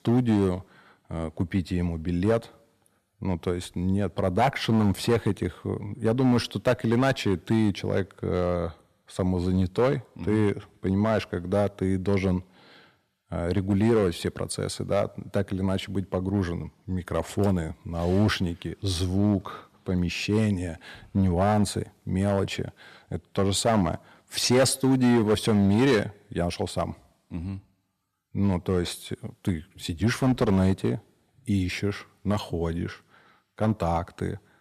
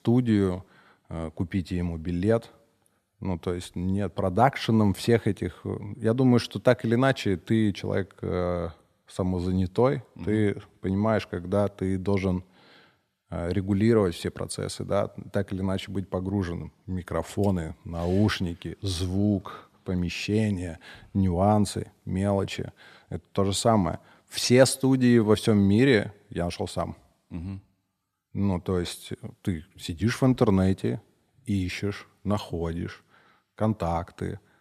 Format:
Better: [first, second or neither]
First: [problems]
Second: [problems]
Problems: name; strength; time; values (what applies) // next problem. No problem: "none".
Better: second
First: distortion; slight; 4% of the sound clipped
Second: none